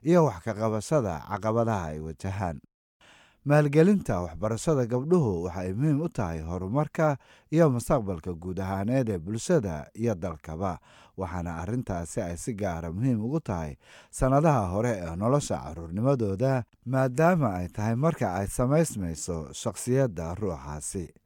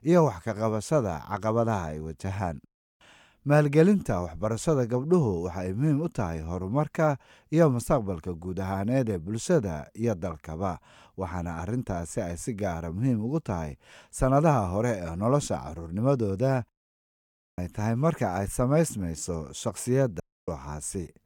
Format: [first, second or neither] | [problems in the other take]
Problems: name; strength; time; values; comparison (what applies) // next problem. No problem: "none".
first | audio cutting out; at 17 s for 1 s and at 20 s